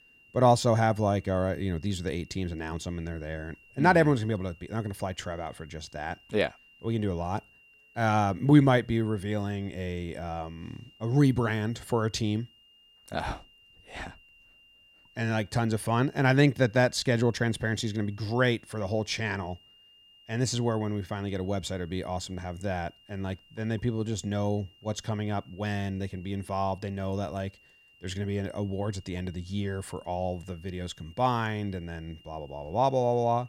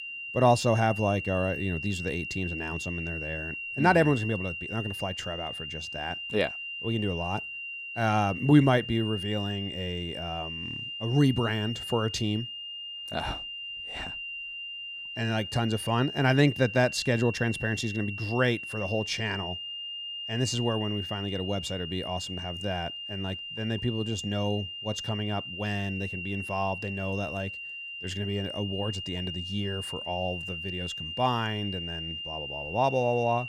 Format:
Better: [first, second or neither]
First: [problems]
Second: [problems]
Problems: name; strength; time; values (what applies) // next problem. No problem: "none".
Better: first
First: high-pitched whine; faint; throughout; 3 kHz, 25 dB below the speech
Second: high-pitched whine; loud; throughout; 3 kHz, 6 dB below the speech